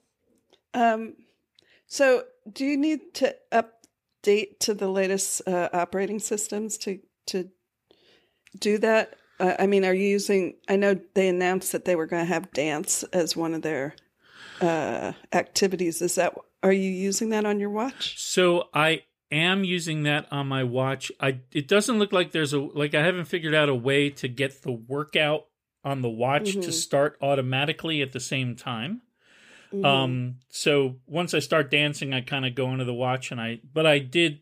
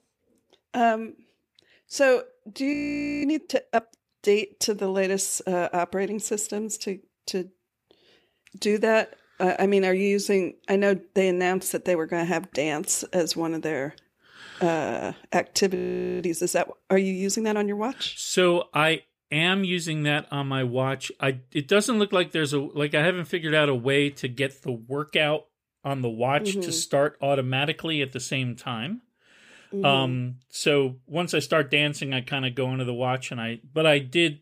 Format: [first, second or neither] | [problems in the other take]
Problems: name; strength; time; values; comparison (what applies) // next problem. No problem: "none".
first | audio freezing; at 2.5 s and at 16 s